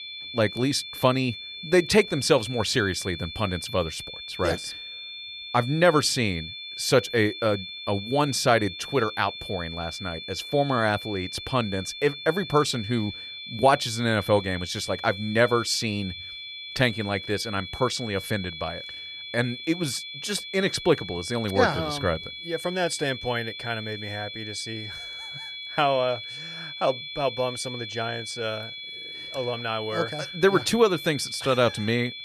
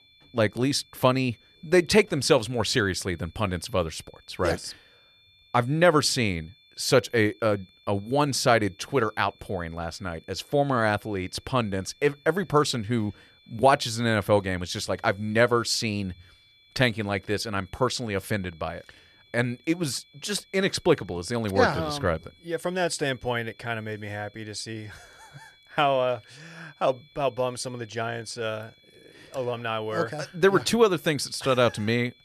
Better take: second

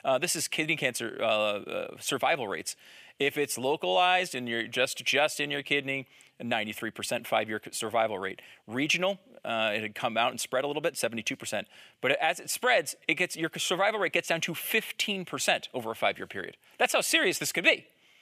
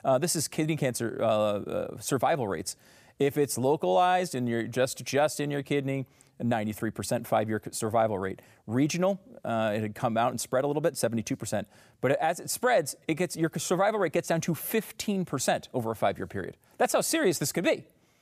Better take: second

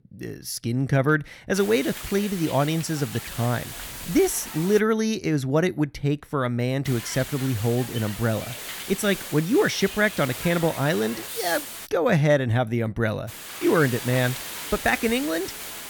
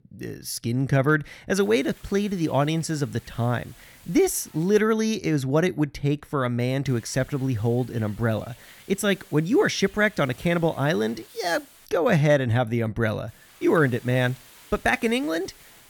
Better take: second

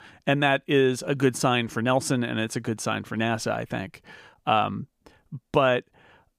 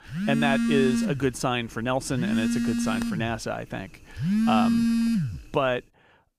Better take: first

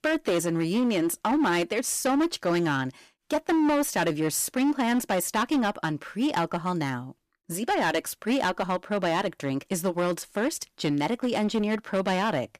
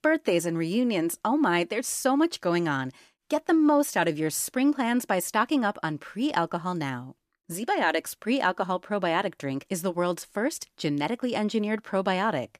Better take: second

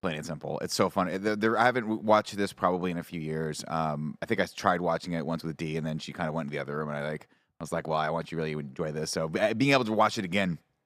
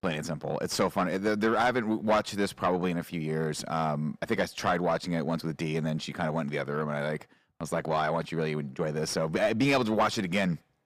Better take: first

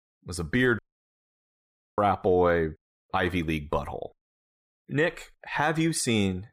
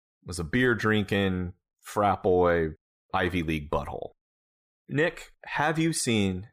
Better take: second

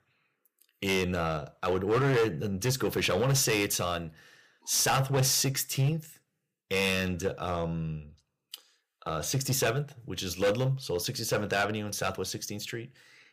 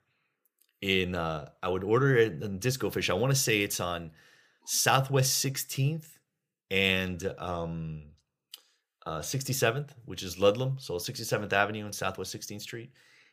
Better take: second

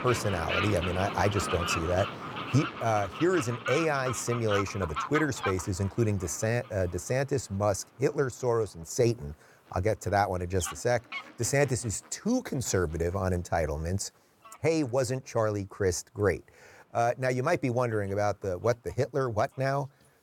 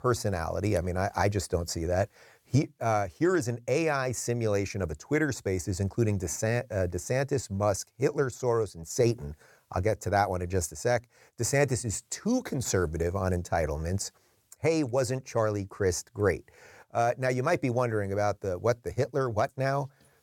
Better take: second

